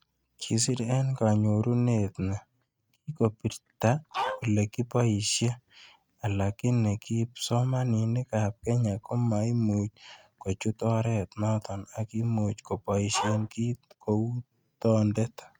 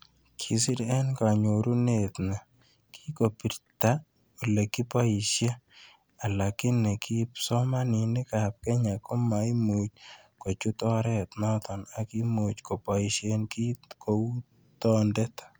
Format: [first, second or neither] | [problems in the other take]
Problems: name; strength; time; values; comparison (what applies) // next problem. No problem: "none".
second | noise reduction (neural mask model RNNoise)